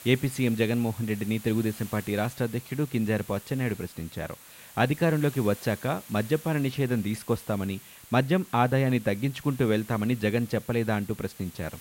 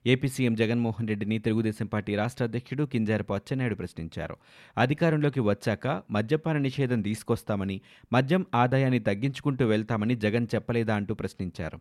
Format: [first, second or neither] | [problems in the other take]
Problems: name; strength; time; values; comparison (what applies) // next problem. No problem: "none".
second | hiss; noticeable; throughout; 20 dB below the speech